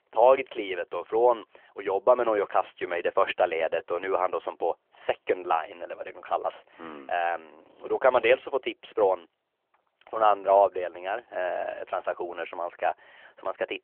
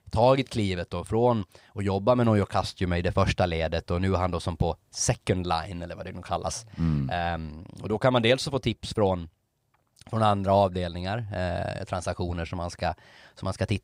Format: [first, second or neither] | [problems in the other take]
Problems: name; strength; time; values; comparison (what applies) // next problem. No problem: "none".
second | phone-call audio